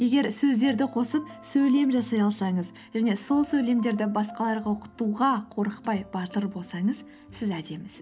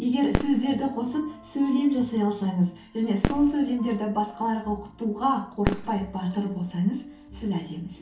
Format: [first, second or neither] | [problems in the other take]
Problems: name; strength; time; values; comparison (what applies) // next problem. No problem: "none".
first | background sound (Fireworks); 9 dB below the speech // room echo; dies away in 0.4 s